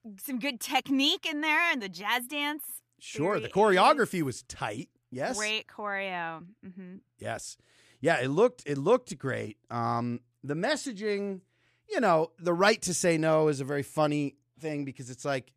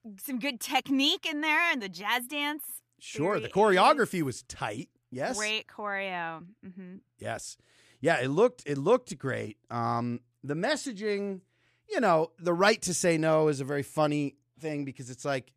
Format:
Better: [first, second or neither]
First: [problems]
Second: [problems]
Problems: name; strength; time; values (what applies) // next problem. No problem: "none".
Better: neither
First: none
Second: none